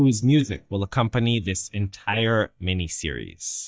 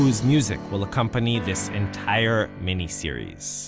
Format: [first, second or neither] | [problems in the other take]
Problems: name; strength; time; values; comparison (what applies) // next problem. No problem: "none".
second | noise reduction (neural mask model DeepFilterNet 3)